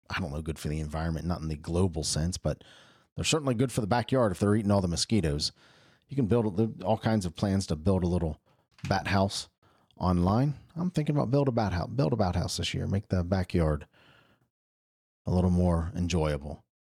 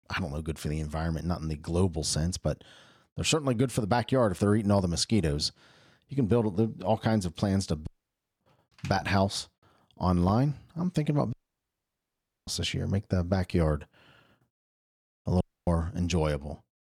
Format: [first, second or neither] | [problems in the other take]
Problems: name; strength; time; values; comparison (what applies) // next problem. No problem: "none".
first | audio cutting out; at 8 s for 0.5 s, at 11 s for 1 s and at 15 s